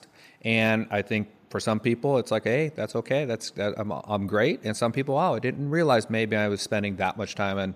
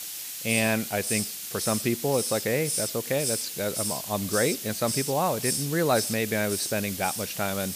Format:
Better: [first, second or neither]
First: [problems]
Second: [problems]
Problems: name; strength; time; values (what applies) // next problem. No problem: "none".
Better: first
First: none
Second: hiss; loud; throughout; 2 dB below the speech